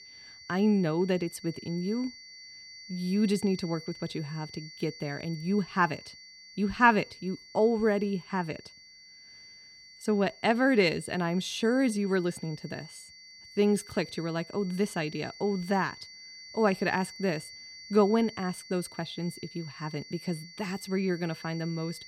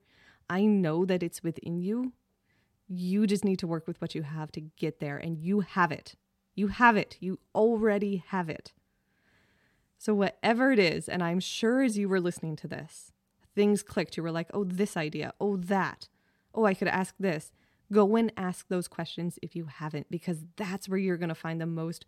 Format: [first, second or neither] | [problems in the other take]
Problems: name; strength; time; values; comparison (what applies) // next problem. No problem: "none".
second | high-pitched whine; noticeable; throughout; 4.5 kHz, 15 dB below the speech